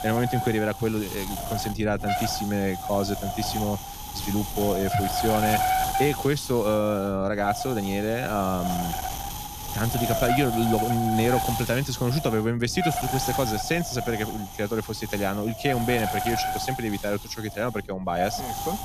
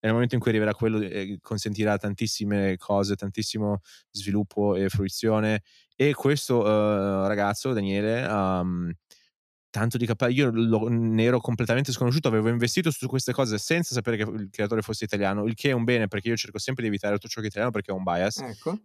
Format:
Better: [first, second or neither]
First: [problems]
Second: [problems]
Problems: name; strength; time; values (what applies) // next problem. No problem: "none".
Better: second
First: wind noise on the microphone; heavy; as loud as the speech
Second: none